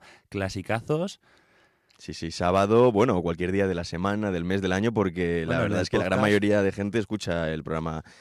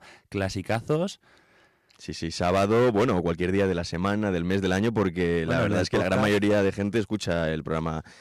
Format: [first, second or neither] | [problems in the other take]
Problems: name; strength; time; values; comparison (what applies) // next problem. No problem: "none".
first | distortion; slight; 6% of the sound clipped